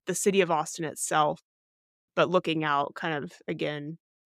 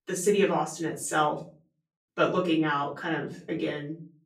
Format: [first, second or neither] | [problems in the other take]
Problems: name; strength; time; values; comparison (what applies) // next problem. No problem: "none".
first | off-mic speech; far // room echo; slight; dies away in 0.3 s